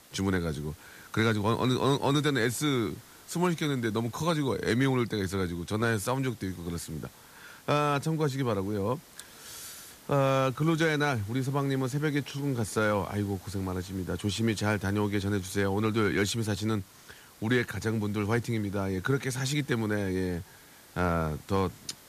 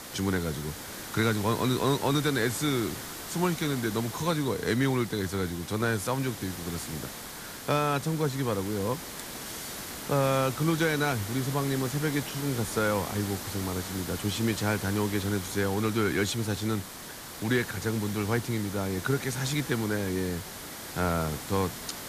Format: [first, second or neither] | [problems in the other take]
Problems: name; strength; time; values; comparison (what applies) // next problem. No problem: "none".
first | hiss; loud; throughout; 9 dB below the speech; faint in the first